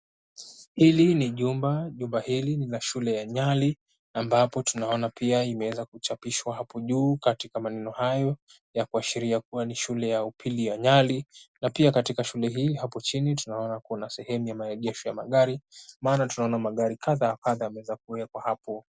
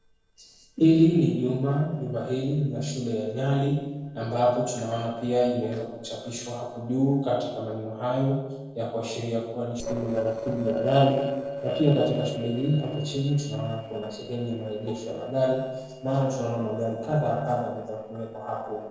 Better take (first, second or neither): first